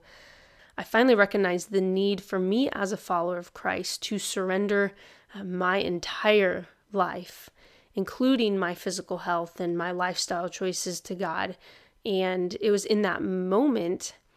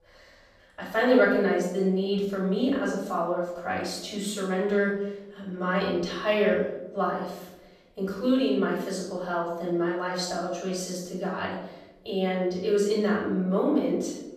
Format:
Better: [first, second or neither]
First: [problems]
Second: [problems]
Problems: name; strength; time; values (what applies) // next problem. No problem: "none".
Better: first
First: none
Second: off-mic speech; far // room echo; noticeable; dies away in 0.8 s